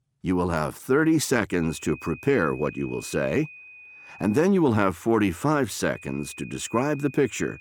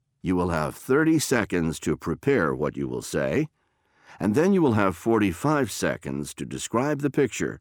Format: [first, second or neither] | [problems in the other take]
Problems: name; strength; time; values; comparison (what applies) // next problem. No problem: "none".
second | high-pitched whine; noticeable; from 1.5 to 4.5 s and from 6 s on; 2.5 kHz, 20 dB below the speech